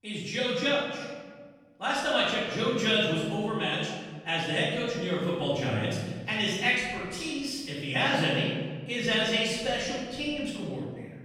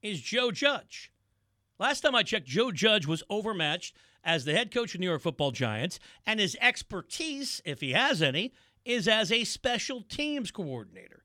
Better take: second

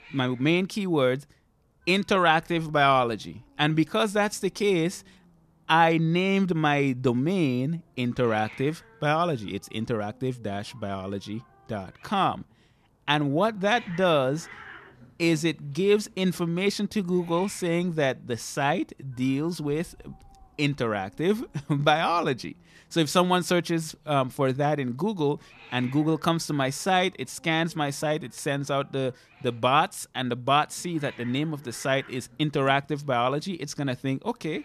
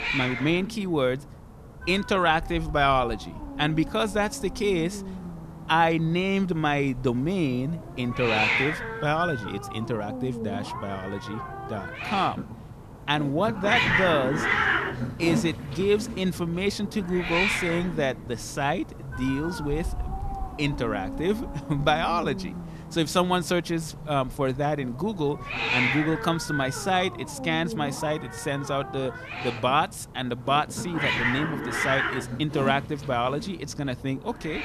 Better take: first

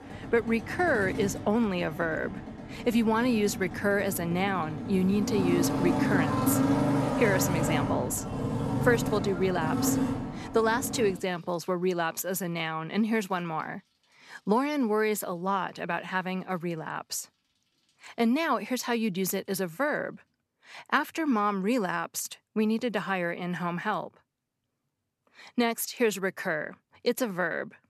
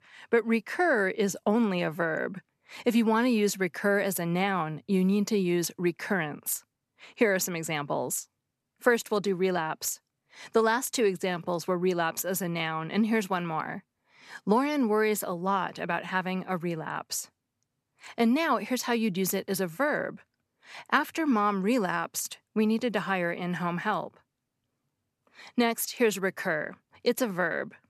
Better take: second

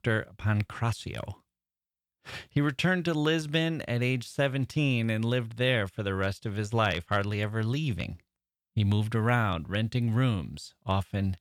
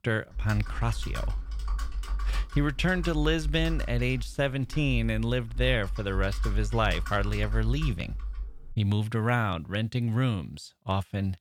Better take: first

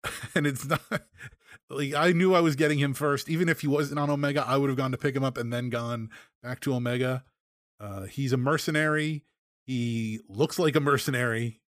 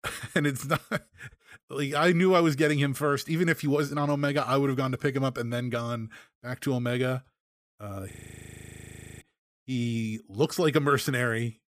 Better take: first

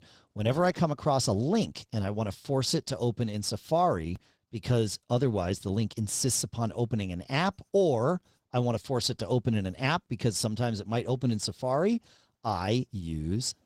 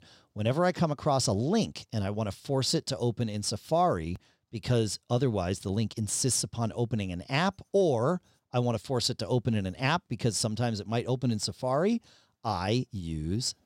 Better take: second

